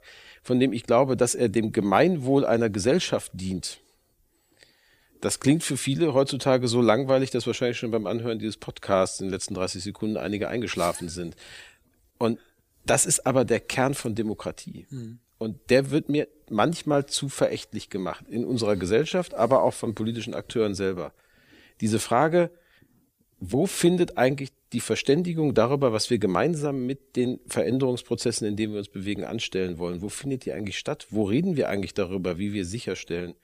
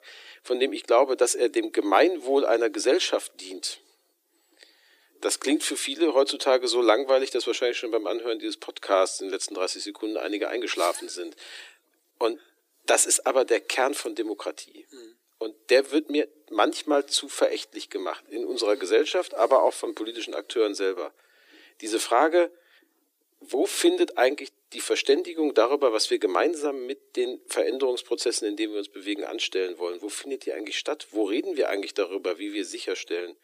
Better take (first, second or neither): first